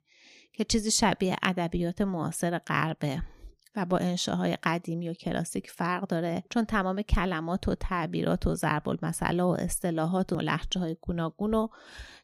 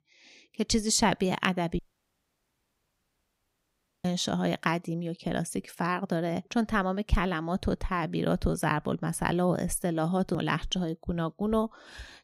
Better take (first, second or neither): first